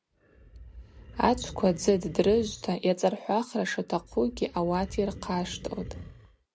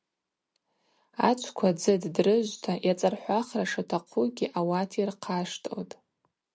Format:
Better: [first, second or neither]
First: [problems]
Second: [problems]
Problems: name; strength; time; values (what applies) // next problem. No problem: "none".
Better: second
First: background sound (Animal); 15 dB below the speech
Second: none